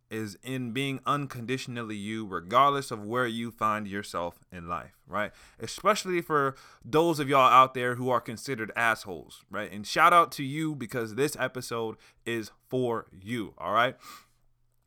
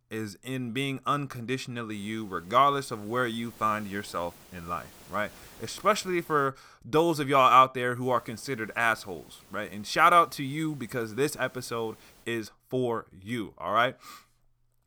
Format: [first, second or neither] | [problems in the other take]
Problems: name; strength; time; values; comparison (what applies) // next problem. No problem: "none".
first | hiss; faint; from 2 to 6.5 s and from 8 to 12 s; 25 dB below the speech